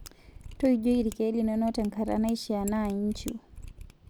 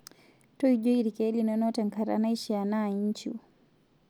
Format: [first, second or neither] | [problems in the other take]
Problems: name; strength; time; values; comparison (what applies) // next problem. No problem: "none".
second | background sound (Mechanisms); 15 dB below the speech